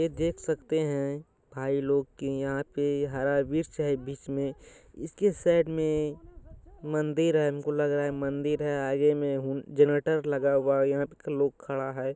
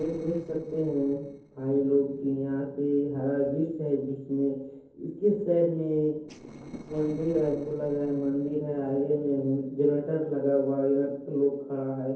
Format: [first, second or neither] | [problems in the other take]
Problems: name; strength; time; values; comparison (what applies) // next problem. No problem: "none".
first | noise reduction (neural separator model SepFormer DNS4)